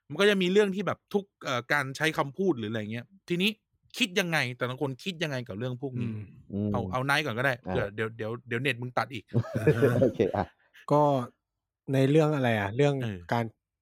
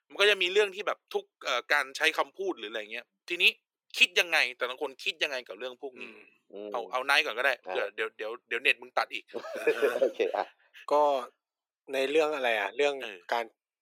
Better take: first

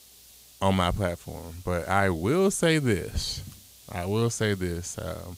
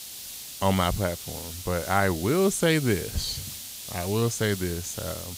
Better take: first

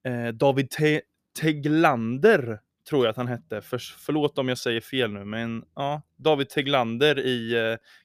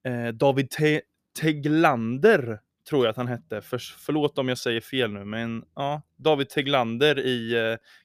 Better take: neither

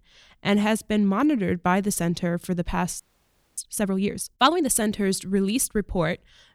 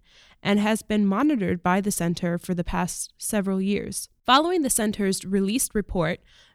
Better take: second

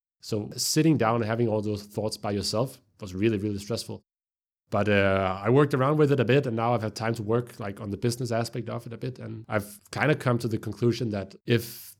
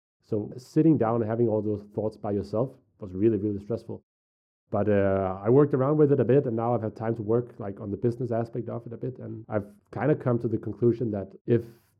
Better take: first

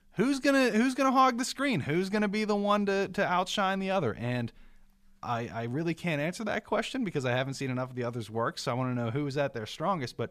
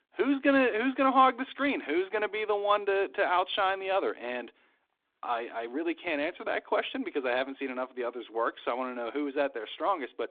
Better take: first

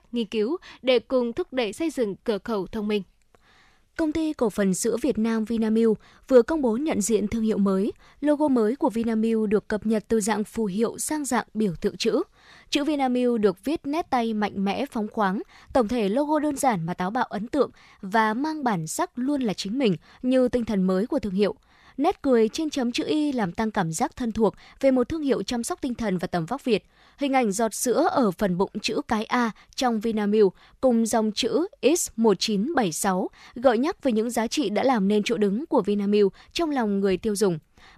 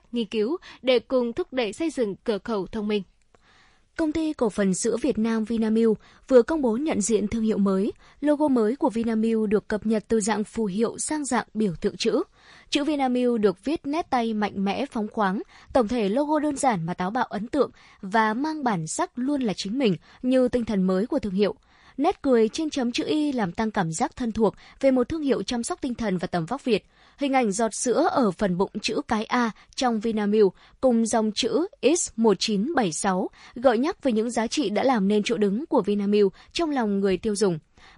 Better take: first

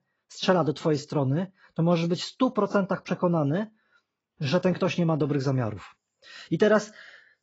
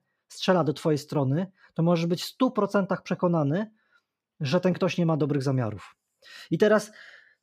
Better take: second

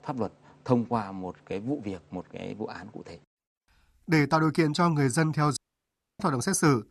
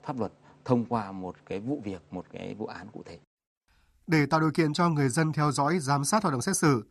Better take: second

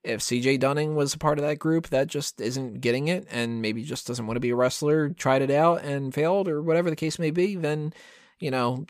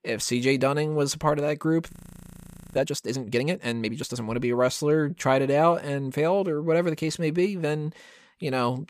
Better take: first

